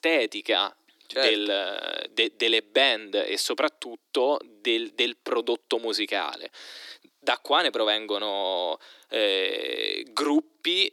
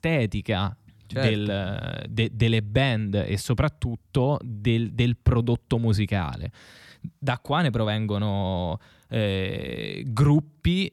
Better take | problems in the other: second | thin; very; fading below 300 Hz

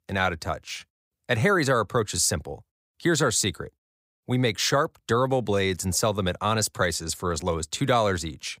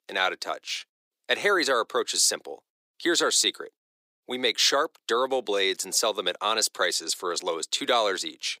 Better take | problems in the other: first | thin; somewhat; fading below 350 Hz

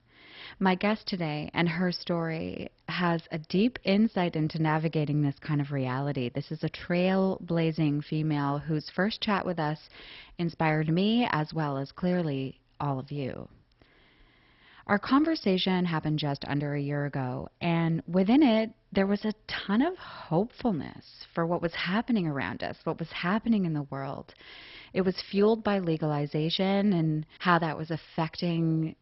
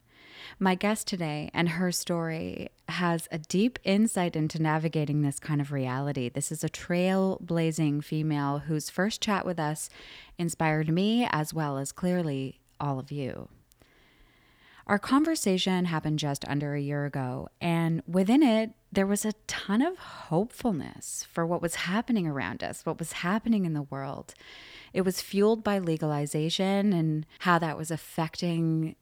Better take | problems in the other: second | garbled, watery; badly; nothing above 5.5 kHz

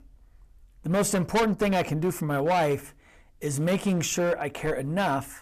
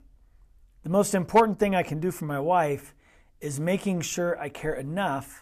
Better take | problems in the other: second | distortion; heavy; 9% of the sound clipped

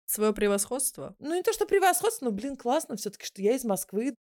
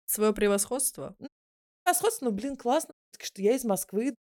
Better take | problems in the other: first | audio cutting out; at 1.5 s for 0.5 s and at 3 s

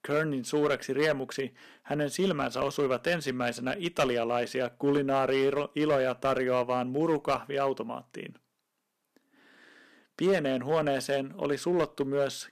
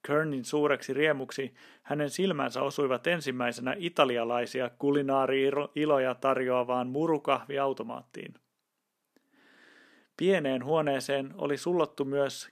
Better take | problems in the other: second | distortion; slight; 4% of the sound clipped

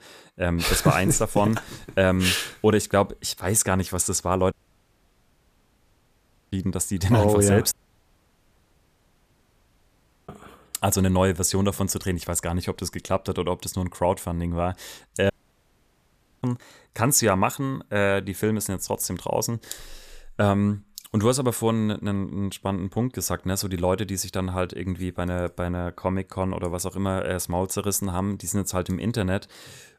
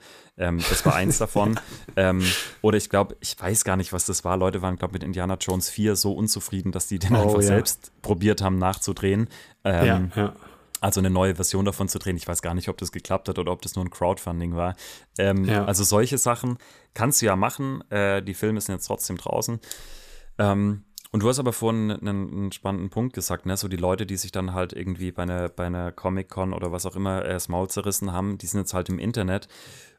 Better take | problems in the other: second | audio cutting out; at 4.5 s for 2 s, at 7.5 s for 2.5 s and at 15 s for 1 s

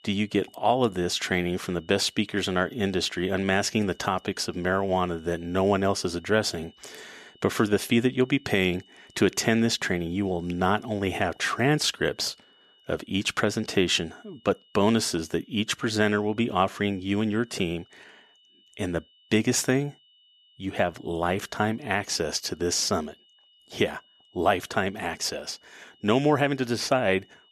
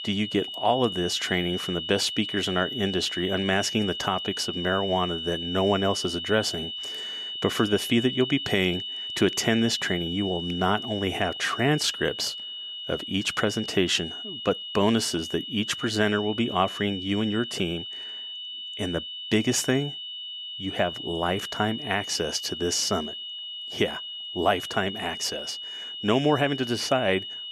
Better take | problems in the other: first | high-pitched whine; loud; throughout; 3 kHz, 6 dB below the speech; faint in the first

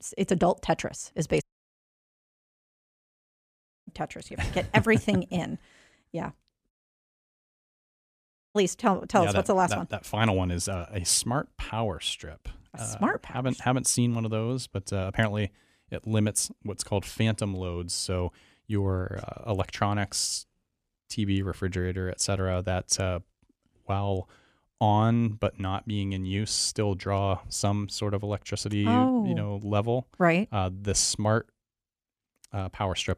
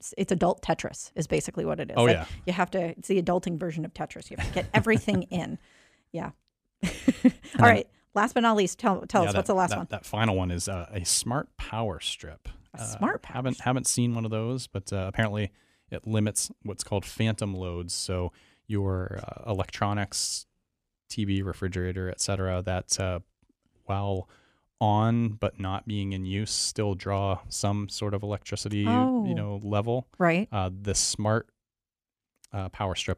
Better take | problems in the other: second | audio cutting out; at 1.5 s for 2.5 s and at 6.5 s for 2 s

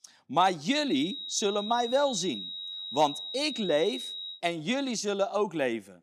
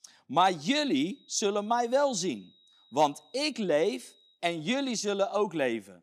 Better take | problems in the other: second | high-pitched whine; loud; from 1 to 4.5 s; 4 kHz, 7 dB below the speech; faint in the second

